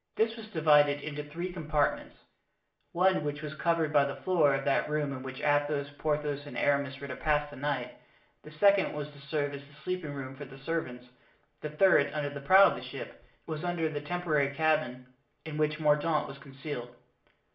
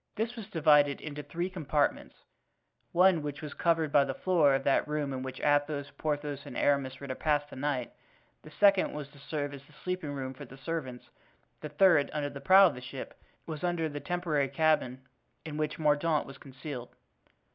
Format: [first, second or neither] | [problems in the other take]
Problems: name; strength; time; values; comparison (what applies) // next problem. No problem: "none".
second | room echo; dies away in 0.4 s